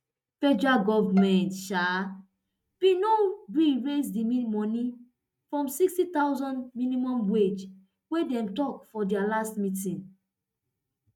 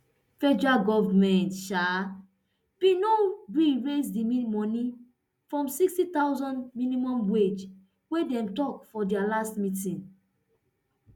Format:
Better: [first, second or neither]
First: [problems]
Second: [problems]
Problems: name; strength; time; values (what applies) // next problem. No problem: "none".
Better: second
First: noise reduction (neural mask model RNNoise)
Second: none